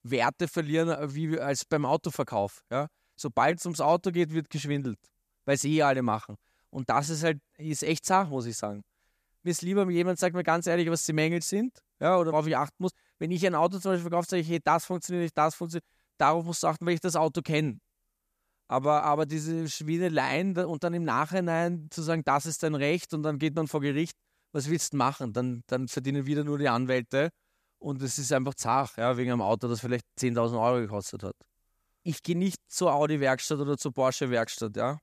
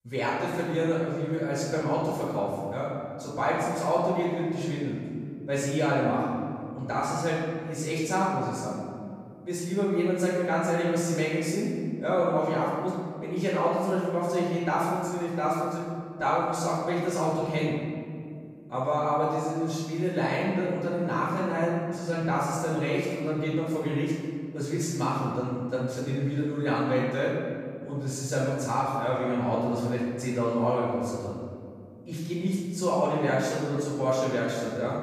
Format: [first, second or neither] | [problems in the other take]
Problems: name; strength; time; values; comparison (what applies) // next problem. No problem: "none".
first | off-mic speech; far // room echo; strong; dies away in 2.2 s